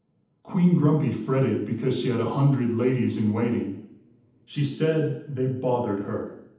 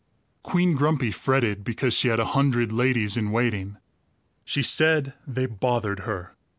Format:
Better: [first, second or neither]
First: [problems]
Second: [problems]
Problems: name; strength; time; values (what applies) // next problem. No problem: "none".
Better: second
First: room echo; dies away in 0.8 s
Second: none